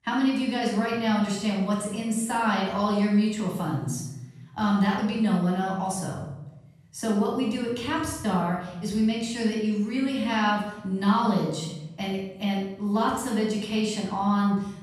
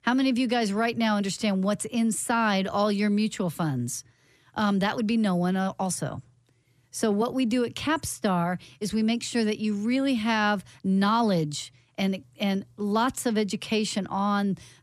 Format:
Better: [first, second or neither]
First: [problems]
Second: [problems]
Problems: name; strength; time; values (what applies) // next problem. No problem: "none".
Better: second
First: off-mic speech; far // room echo; noticeable; dies away in 0.8 s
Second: none